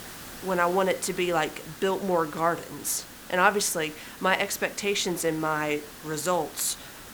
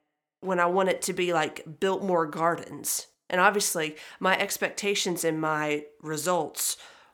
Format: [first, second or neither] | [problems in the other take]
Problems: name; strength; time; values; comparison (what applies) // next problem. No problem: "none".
second | hiss; noticeable; throughout; 15 dB below the speech